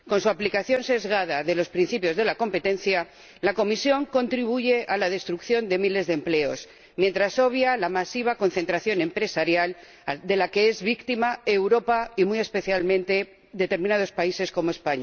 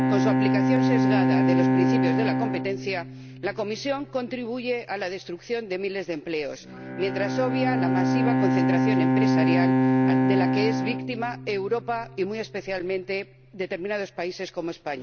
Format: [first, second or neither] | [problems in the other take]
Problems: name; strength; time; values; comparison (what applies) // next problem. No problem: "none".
first | background sound (Bowed string instrument); 5 dB above the speech